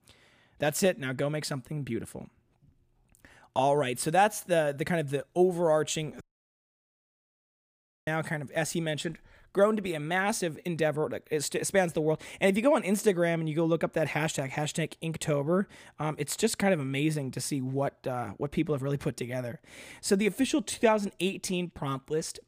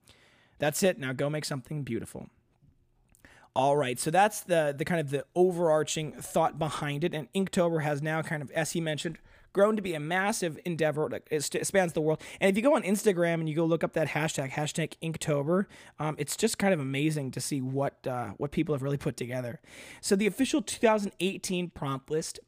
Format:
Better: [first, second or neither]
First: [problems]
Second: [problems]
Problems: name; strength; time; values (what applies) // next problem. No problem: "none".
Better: second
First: audio cutting out; at 6 s for 2 s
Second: none